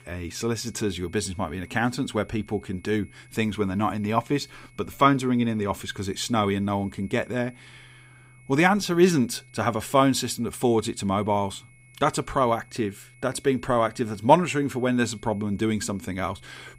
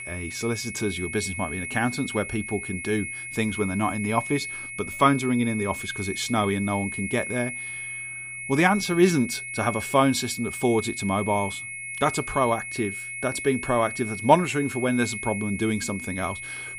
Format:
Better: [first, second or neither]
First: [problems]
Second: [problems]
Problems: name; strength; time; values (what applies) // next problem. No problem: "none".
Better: first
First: high-pitched whine; faint; throughout; 2 kHz, 30 dB below the speech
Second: high-pitched whine; loud; throughout; 2 kHz, 7 dB below the speech